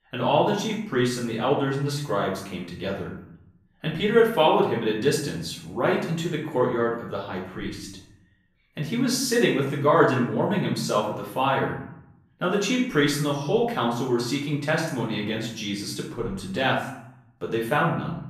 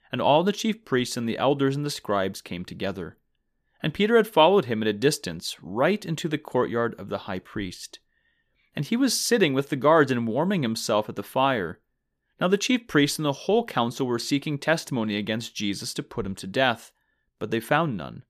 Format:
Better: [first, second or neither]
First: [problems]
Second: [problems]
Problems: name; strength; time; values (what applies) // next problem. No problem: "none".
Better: second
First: off-mic speech; far // room echo; noticeable; dies away in 0.7 s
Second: none